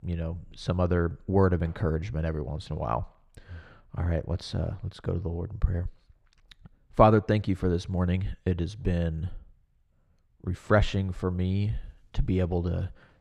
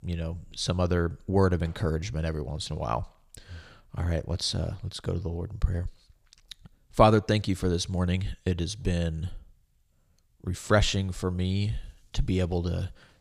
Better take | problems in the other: second | muffled; slightly; fading above 3 kHz

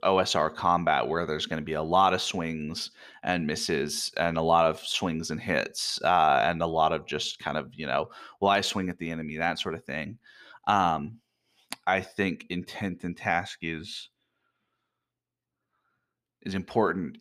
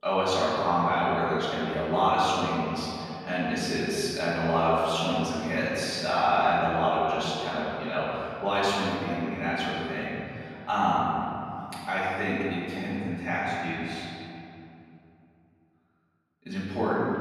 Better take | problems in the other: first | off-mic speech; far // room echo; strong; dies away in 2.6 s

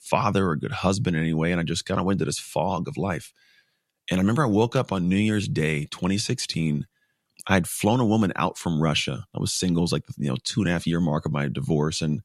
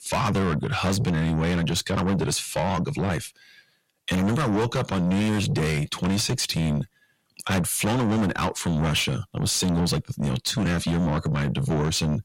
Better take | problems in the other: first | distortion; heavy; 6 dB below the speech

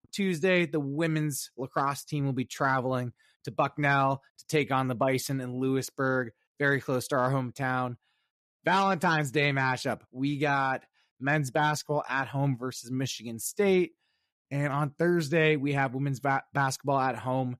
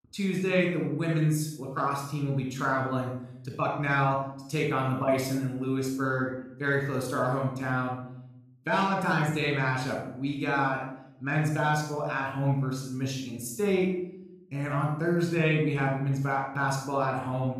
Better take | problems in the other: first | room echo; noticeable; dies away in 0.6 s // off-mic speech; somewhat distant

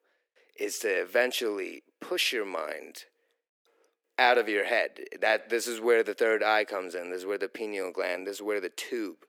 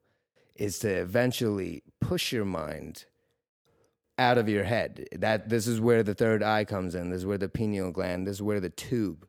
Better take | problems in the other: second | thin; very; fading below 350 Hz

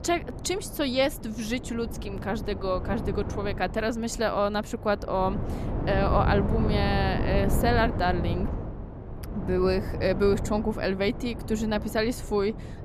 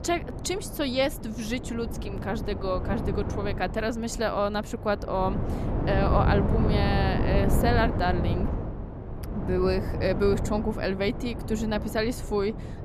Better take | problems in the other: first | wind noise on the microphone; heavy; 8 dB below the speech; occasional gusts in the first

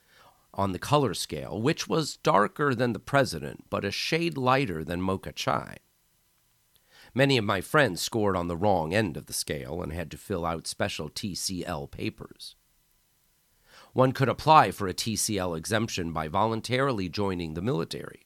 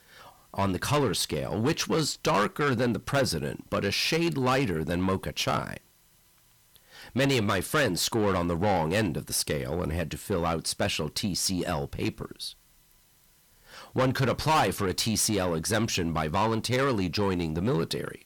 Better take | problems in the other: first | distortion; heavy; 6 dB below the speech

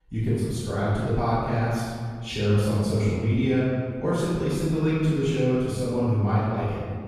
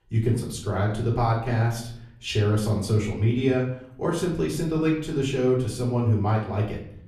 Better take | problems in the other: second | room echo; strong; dies away in 1.8 s; slight in the second // off-mic speech; far; far in the second

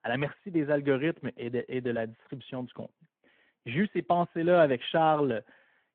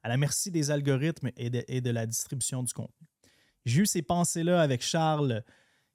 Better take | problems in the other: second | phone-call audio

